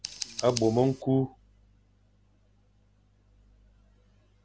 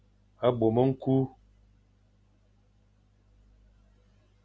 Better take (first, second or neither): second